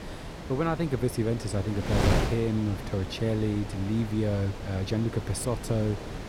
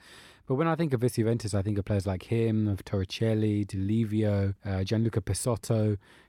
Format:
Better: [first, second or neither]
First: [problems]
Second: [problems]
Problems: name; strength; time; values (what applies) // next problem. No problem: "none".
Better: second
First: wind noise on the microphone; heavy; 4 dB below the speech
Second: none